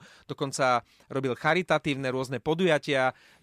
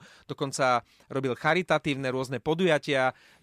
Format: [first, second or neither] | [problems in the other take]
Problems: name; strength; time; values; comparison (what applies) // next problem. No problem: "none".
neither | none